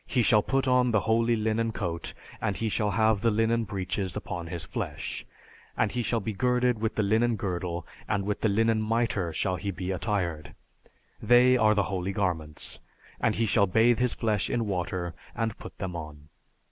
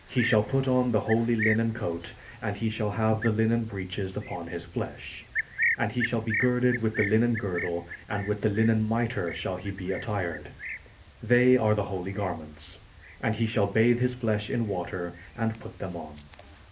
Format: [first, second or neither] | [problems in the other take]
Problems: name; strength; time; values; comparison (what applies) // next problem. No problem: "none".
first | background sound (Cricket); 10 dB below the speech // room echo; dies away in 0.3 s